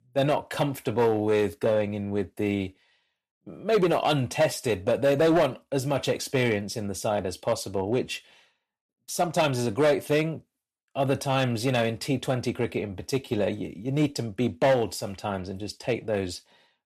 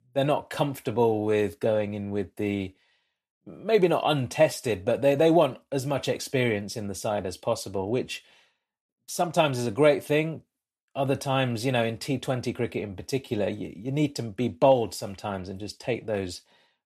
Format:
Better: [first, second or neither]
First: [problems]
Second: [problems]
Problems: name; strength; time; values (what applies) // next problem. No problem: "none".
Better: second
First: distortion; slight; 4% of the sound clipped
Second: none